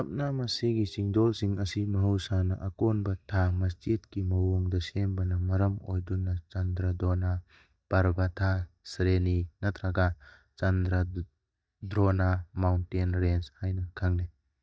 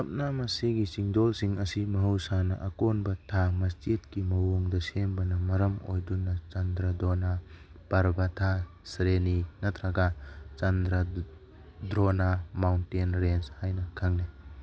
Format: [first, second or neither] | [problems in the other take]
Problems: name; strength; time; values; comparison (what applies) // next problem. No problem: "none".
second | noise reduction (neural mask model DeepFilterNet 3)